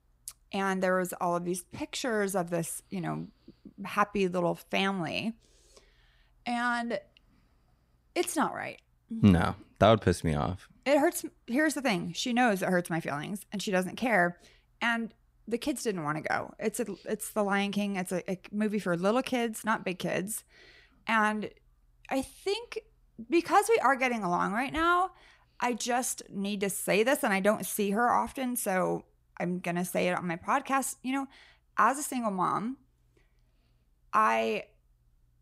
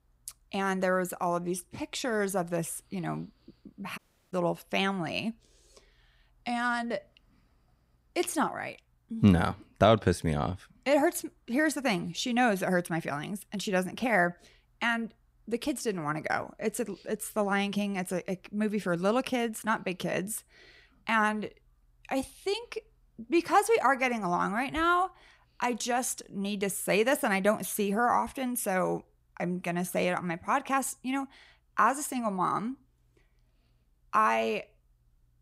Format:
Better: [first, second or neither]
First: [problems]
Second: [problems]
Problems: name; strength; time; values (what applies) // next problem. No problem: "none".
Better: first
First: none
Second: audio cutting out; at 4 s